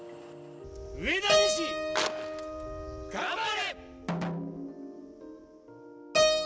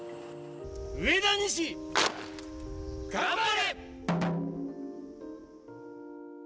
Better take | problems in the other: second | background sound (Keyboard (musical)); 3 dB above the speech

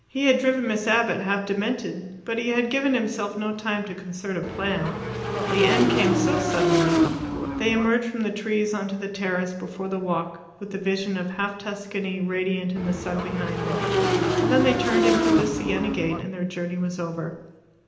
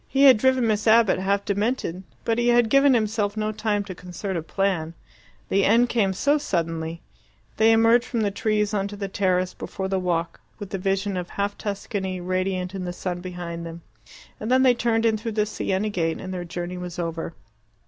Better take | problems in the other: second | background sound (Motorcycle / Engine); 2 dB above the speech // room echo; dies away in 0.9 s

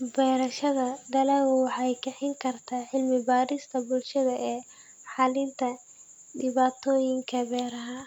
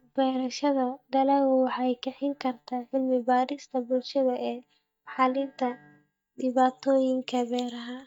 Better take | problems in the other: first | noise reduction (neural mask model DeepFilterNet 3)

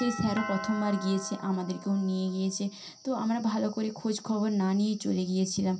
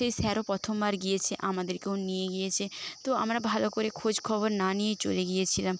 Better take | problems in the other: second | background sound (Doorbell); 14 dB below the speech // room echo; dies away in 0.3 s

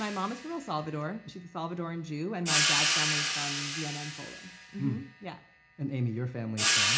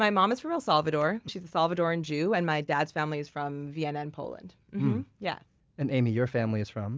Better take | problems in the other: second | background sound (Cymbal); 3 dB above the speech // room echo; dies away in 0.4 s

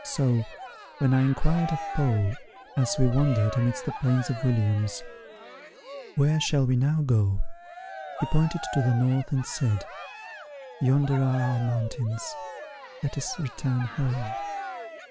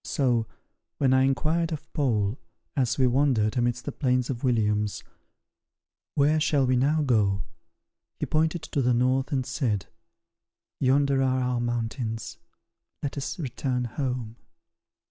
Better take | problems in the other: second | background sound (Cheering); 13 dB below the speech

